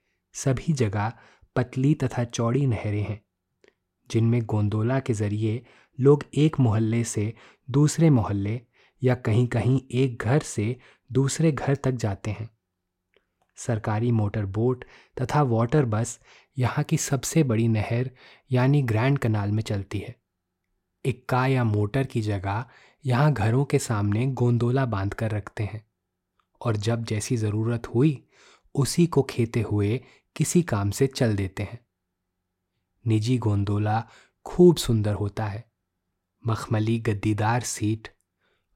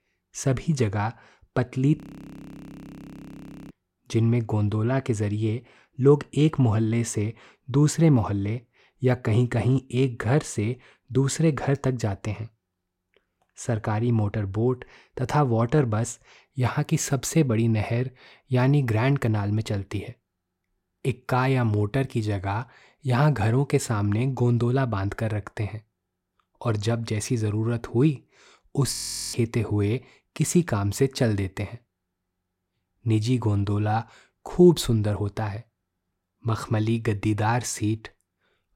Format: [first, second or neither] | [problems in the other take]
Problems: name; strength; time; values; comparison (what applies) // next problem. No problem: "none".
first | audio freezing; at 2 s for 1.5 s and at 29 s